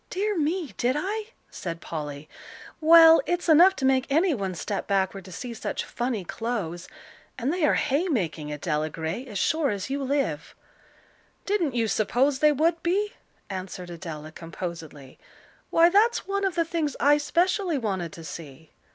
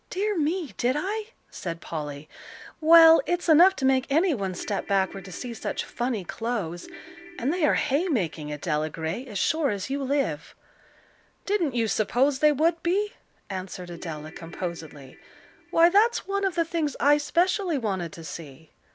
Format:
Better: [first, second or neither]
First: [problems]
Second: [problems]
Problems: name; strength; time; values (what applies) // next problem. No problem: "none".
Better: first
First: none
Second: background sound (Ringtone / Keyboard (musical)); 20 dB below the speech